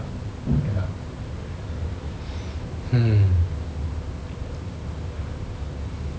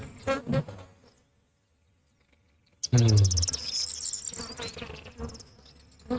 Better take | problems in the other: first | noise reduction (neural mask model RNNoise)

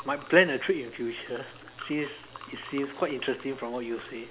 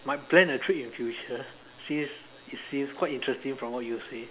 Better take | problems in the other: second | background sound (Liquid); 19 dB below the speech

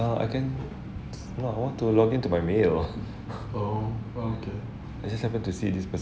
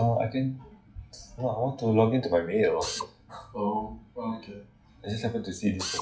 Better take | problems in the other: first | noise reduction (classical method WPE with log-MMSE)

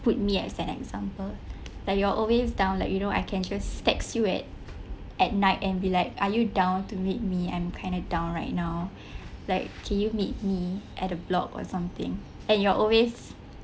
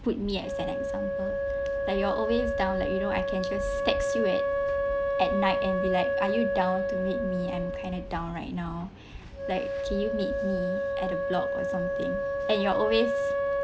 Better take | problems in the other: first | background sound (Wind instrument, woodwind instrument); 2 dB above the speech

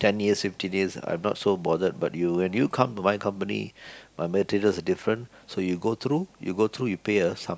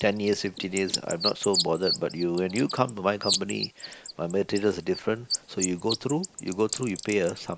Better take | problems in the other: first | noise reduction (neural mask model Resemble Enhance denoiser)

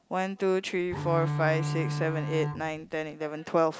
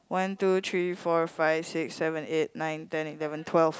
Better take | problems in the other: second | background sound (Bowed string instrument); 2 dB below the speech

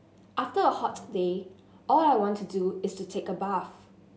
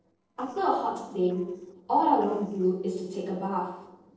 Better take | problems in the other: first | noise reduction (neural separator model SepFormer DNS4)

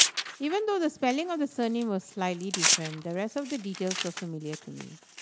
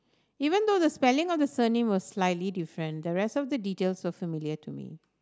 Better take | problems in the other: second | background sound (Tearing); 2 dB below the speech

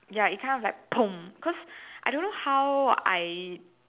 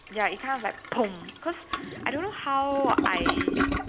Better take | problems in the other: first | background sound (Toilet flush); 2 dB below the speech

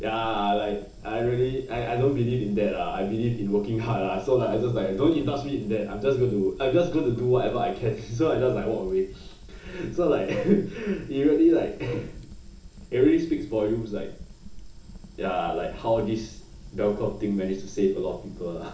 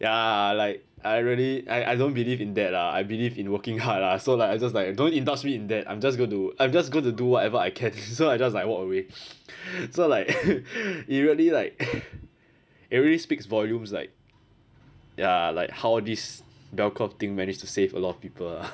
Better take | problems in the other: second | background sound (Fire); 16 dB below the speech // room echo; dies away in 0.8 s

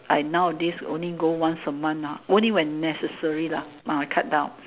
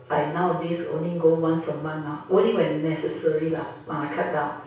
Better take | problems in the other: first | room echo; dies away in 0.6 s

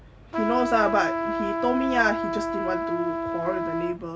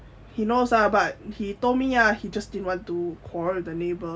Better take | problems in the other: second | background sound (Trumpet); 1 dB below the speech

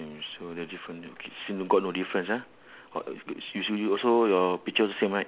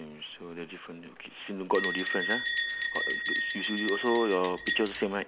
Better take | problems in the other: first | background sound (Bell); 1 dB below the speech

